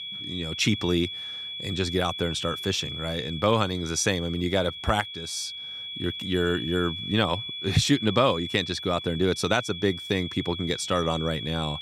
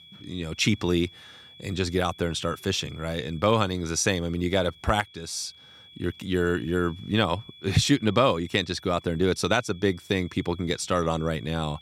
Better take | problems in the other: second | high-pitched whine; loud; throughout; 3.5 kHz, 7 dB below the speech; faint in the second

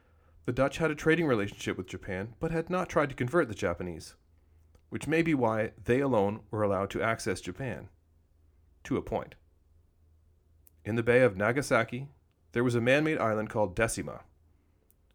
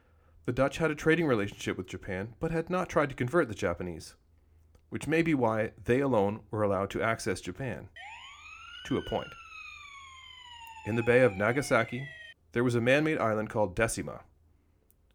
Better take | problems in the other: first | siren; faint; from 8 to 12 s; peak 15 dB below the speech

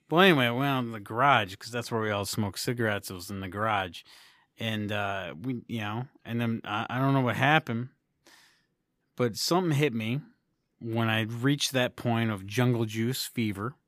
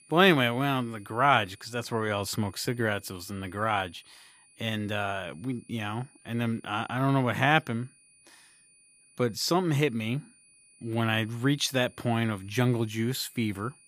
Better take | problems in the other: first | high-pitched whine; faint; throughout; 9.5 kHz, 30 dB below the speech

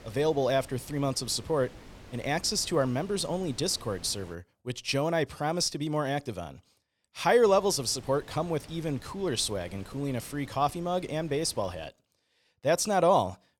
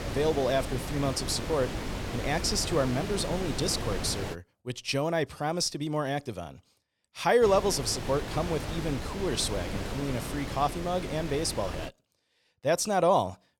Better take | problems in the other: first | wind noise on the microphone; heavy; until 4.5 s and from 7.5 to 12 s; 9 dB below the speech; occasional gusts in the first

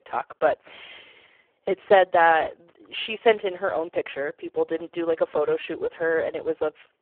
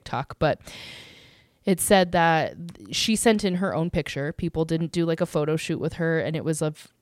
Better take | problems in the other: second | phone-call audio; poor line

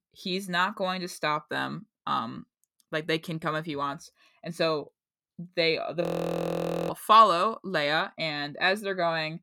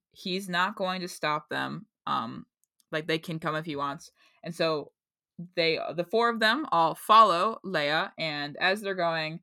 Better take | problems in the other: second | audio freezing; at 6 s for 1 s

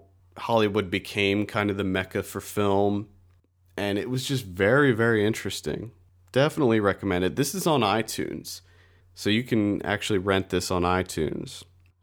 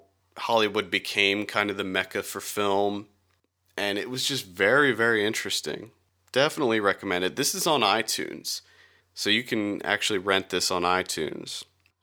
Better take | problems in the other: first | thin; somewhat; fading below 1 kHz

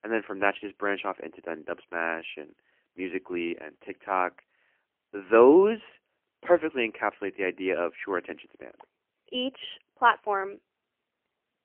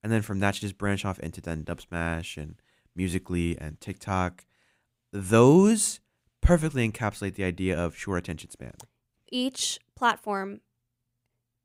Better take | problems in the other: second | phone-call audio; poor line; nothing above 3 kHz

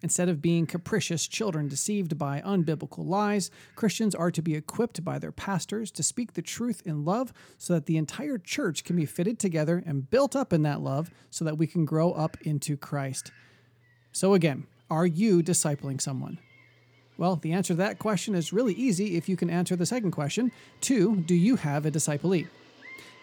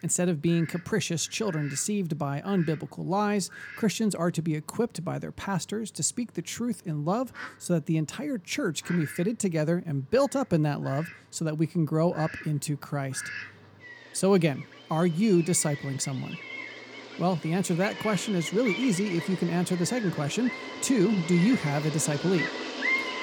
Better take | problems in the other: first | animal sounds; loud; throughout; 9 dB below the speech; faint in the first

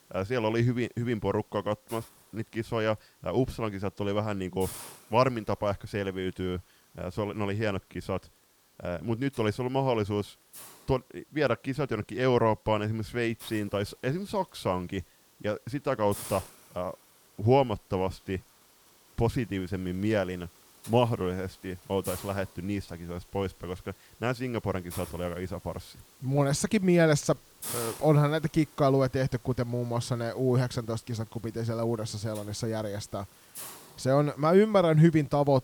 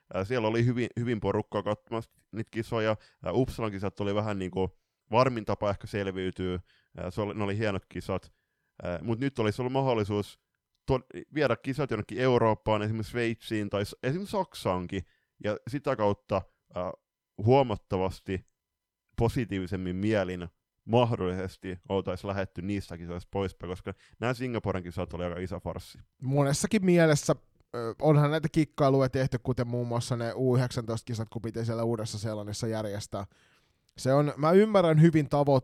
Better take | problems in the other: second | hiss; noticeable; throughout; 20 dB below the speech

